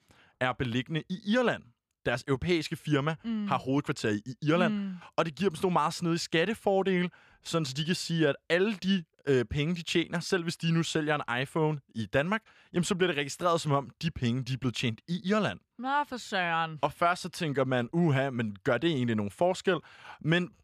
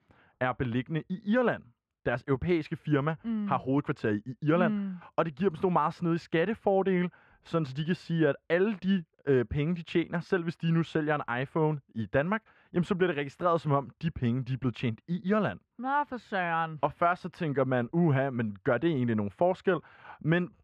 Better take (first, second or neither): first